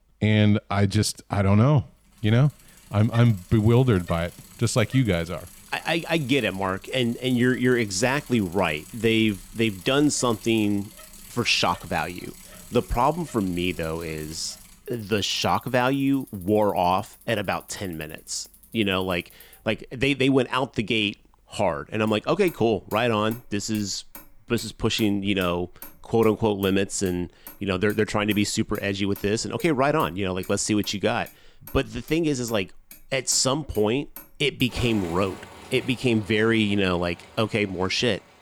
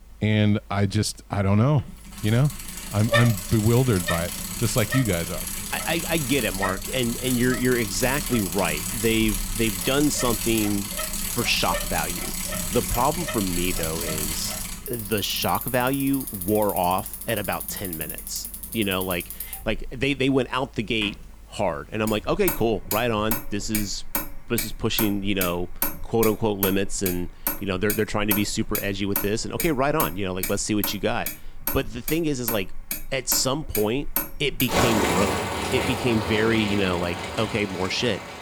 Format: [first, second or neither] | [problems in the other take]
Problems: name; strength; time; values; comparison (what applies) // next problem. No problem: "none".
first | traffic noise; loud; throughout; 4 dB below the speech; faint in the first